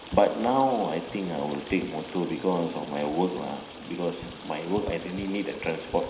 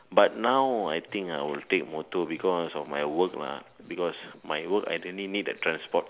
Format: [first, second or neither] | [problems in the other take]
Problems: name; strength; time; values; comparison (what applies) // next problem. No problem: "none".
second | background sound (Stream); 14 dB below the speech // room echo; dies away in 0.9 s